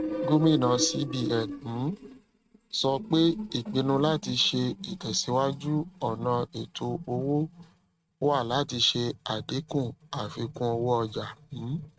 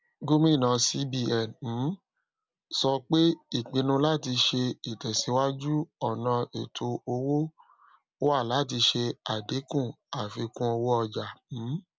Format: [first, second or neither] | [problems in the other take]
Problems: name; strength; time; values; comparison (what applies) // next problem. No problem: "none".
second | noise reduction (neural mask model RNNoise)